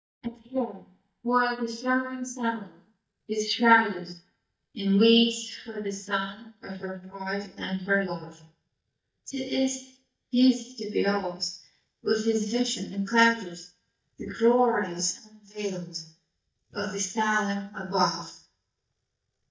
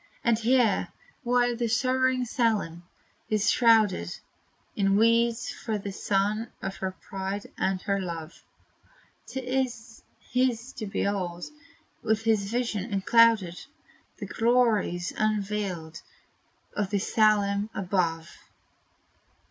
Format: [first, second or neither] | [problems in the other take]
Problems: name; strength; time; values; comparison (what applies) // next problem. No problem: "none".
second | noise reduction (neural mask model DeepFilterNet 3)